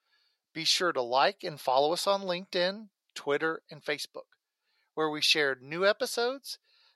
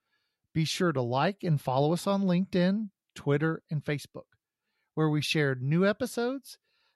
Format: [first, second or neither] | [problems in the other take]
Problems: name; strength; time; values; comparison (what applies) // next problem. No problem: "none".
second | thin; very; fading below 600 Hz